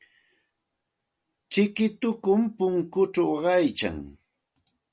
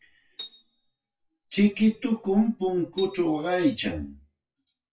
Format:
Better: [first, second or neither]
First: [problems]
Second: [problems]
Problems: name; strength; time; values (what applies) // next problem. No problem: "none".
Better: first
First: none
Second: noise reduction (classical method WPE with log-MMSE)